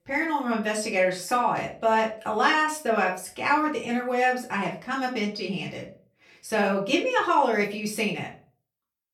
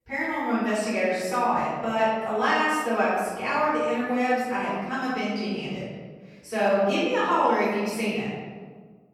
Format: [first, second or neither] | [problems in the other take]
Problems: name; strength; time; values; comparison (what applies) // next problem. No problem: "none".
first | room echo; strong; dies away in 1.4 s; slight in the first // off-mic speech; far; far in the first